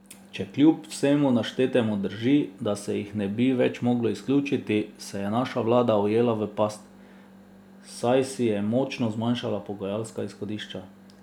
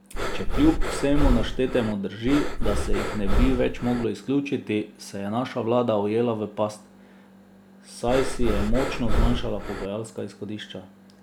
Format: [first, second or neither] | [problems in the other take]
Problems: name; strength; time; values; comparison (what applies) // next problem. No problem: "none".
first | background sound (Breathing); 3 dB above the speech